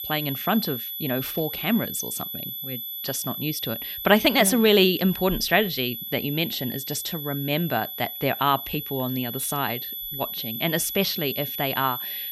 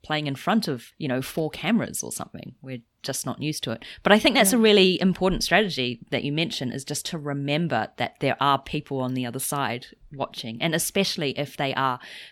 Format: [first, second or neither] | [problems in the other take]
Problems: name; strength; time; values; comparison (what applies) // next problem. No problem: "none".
second | high-pitched whine; loud; throughout; 12 kHz, 6 dB below the speech